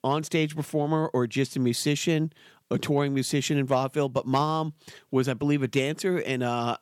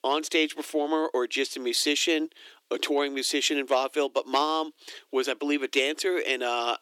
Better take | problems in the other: first | thin; somewhat; fading below 300 Hz

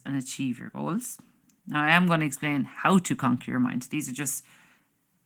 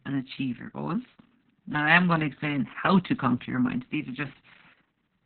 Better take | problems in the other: first | garbled, watery; badly; nothing above 4 kHz; slightly in the first

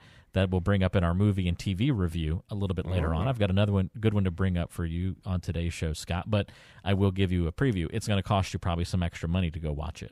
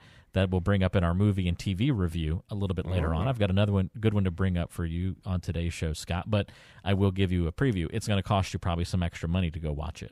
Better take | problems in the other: neither | none

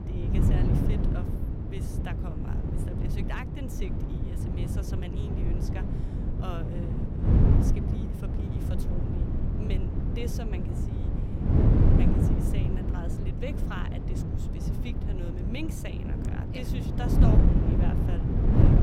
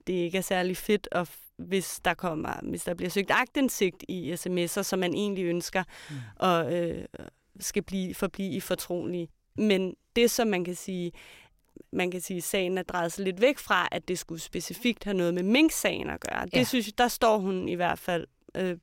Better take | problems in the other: second | wind noise on the microphone; heavy; 5 dB above the speech

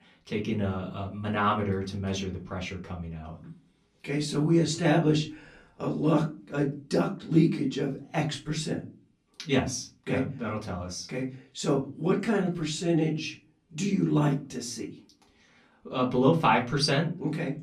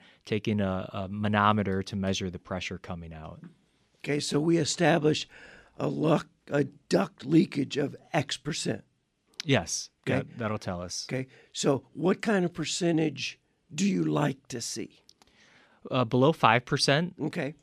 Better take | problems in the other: second | off-mic speech; far // room echo; very slight; dies away in 0.3 s

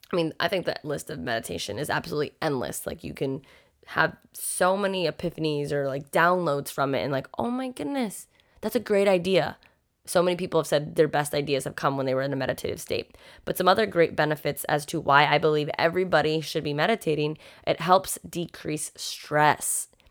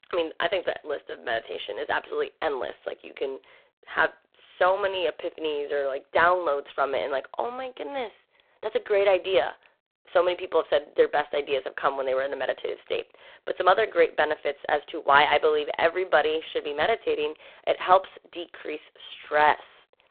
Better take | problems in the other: first | phone-call audio; poor line

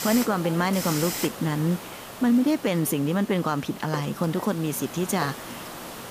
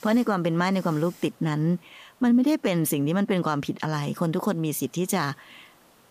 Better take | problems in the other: second | hiss; loud; throughout; 10 dB below the speech; faint in the second

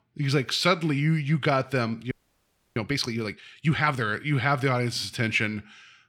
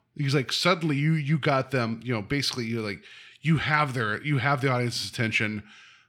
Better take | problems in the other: second | audio freezing; at 2 s for 0.5 s

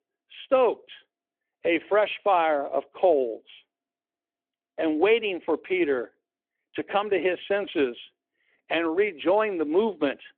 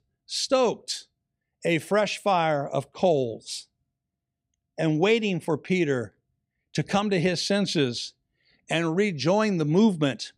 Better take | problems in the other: second | phone-call audio

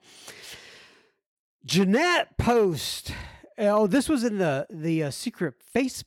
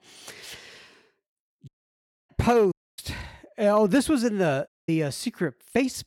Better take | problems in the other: first | audio cutting out; at 1.5 s for 0.5 s, at 2.5 s and at 4.5 s

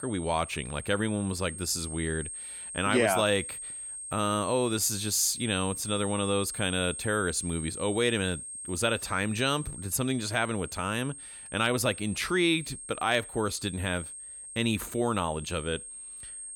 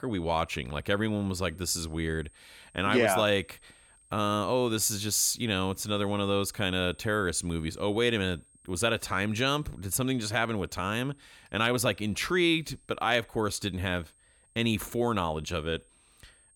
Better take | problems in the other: second | high-pitched whine; loud; throughout; 8.5 kHz, 9 dB below the speech; faint in the second

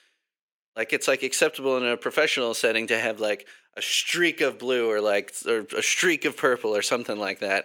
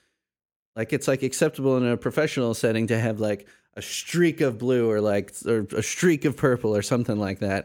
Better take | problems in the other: second | thin; somewhat; fading below 450 Hz

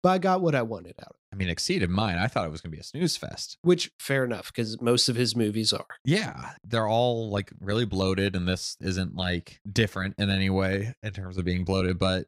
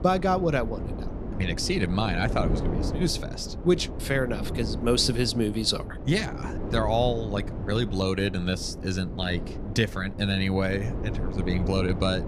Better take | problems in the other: first | wind noise on the microphone; occasional gusts; 10 dB below the speech

